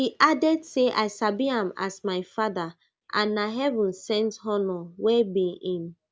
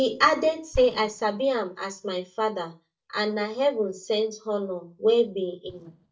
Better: first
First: none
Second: noise reduction (neural mask model DeepFilterNet 3)

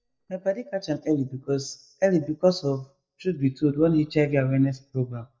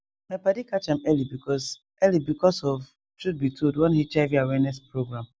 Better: second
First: noise reduction (neural mask model DeepFilterNet 3)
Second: none

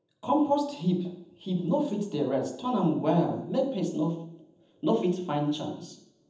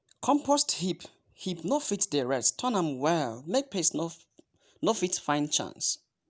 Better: second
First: room echo; dies away in 0.8 s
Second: none

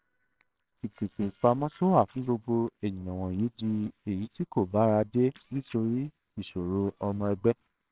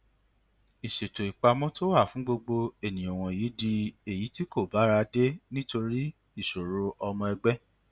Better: second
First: noise reduction (neural separator model SepFormer WHAMR!)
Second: none

